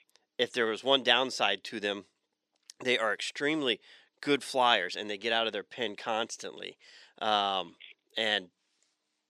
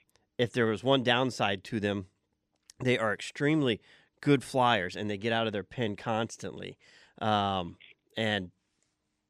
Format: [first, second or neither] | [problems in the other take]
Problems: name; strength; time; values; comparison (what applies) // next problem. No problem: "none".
second | thin; somewhat; fading below 350 Hz